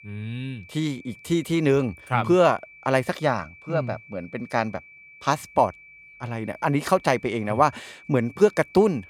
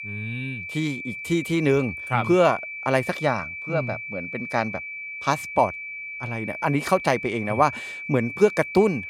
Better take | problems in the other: first | high-pitched whine; loud; throughout; 2.5 kHz, 8 dB below the speech; faint in the first

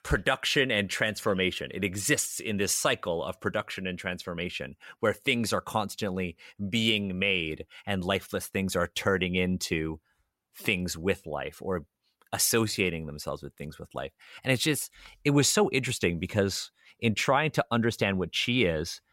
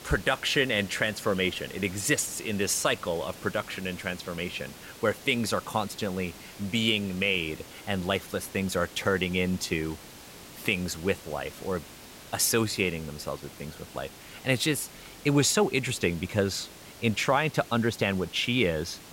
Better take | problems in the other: first | hiss; noticeable; throughout; 15 dB below the speech

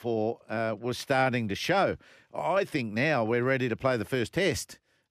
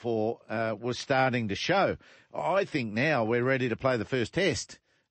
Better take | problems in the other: first | garbled, watery; slightly; nothing above 8 kHz

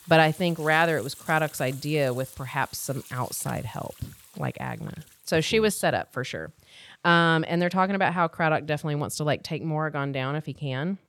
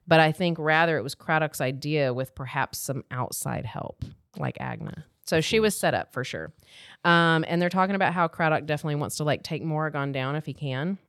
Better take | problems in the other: second | household noises; faint; throughout; 20 dB below the speech

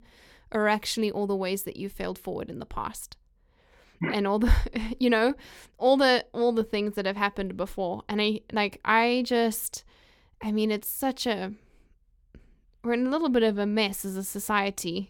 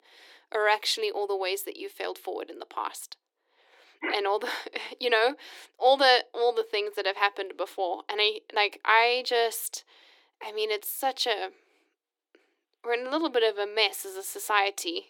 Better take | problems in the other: first | thin; very; fading below 300 Hz

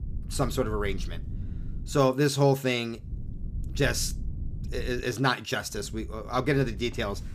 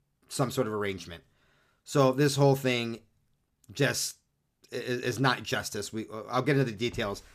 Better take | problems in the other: second | low rumble; faint; until 2 s, from 3 to 5 s and from 5.5 s on; 25 dB below the speech

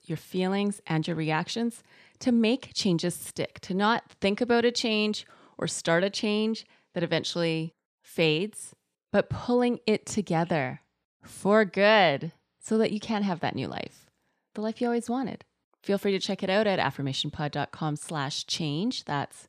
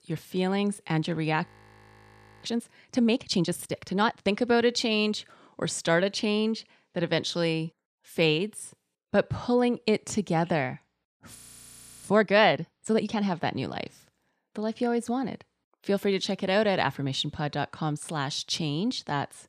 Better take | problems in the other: first | audio freezing; at 1.5 s for 1 s and at 11 s for 0.5 s

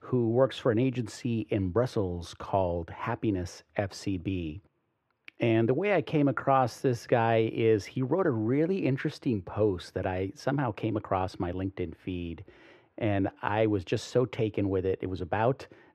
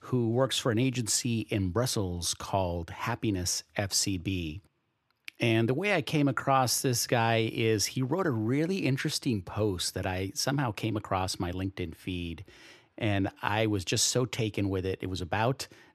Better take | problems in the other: second | muffled; very; fading above 4 kHz

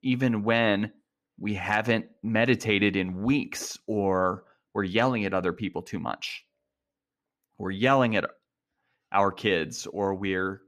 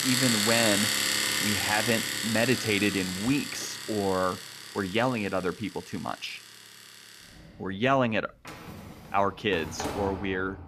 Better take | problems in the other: first | household noises; very loud; throughout; as loud as the speech

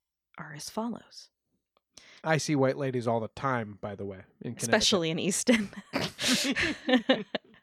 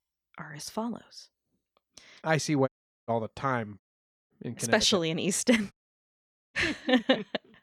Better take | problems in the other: first | audio cutting out; at 2.5 s, at 4 s for 0.5 s and at 5.5 s for 1 s

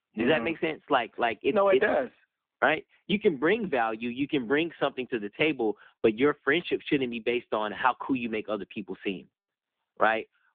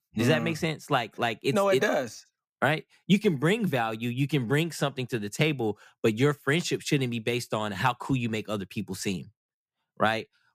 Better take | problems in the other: second | phone-call audio

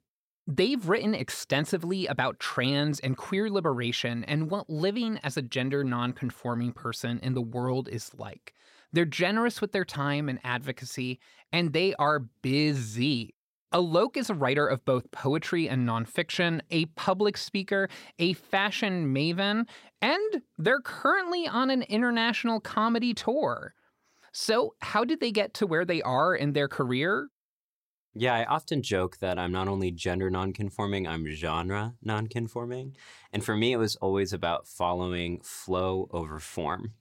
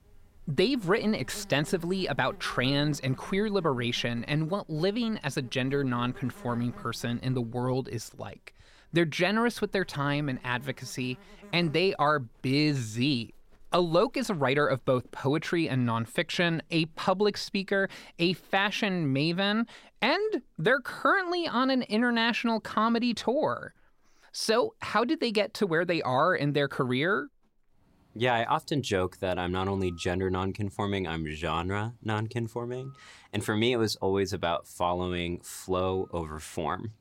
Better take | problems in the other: first | animal sounds; faint; throughout; 25 dB below the speech

